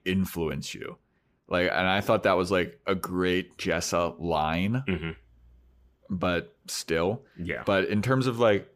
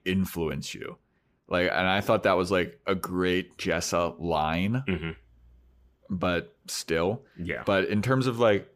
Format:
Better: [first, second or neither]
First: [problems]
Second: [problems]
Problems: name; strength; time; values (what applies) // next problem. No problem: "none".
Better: neither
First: none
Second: none